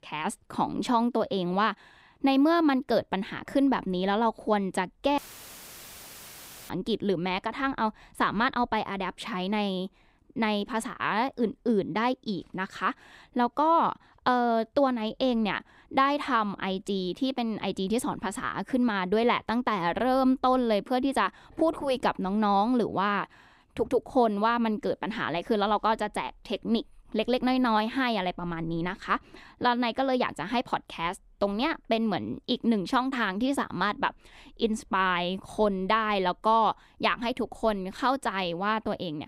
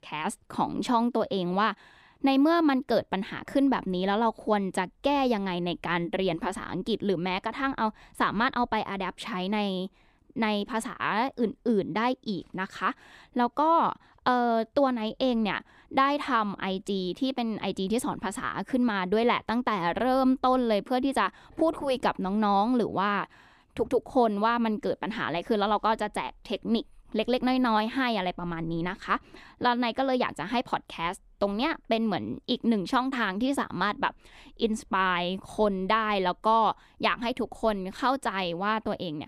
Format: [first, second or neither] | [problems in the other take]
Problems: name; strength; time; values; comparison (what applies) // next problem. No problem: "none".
second | audio cutting out; filled with static; at 5 s for 1.5 s